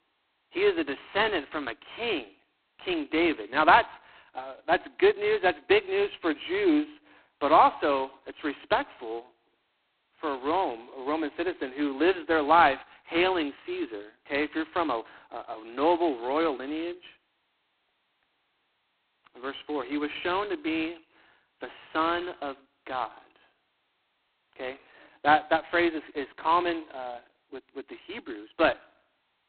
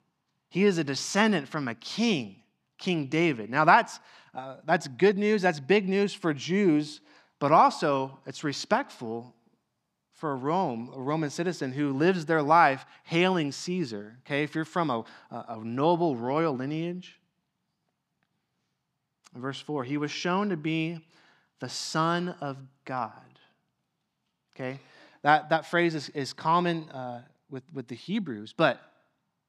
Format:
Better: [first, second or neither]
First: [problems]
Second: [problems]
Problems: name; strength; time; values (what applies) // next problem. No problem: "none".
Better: second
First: phone-call audio; poor line; nothing above 4 kHz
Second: none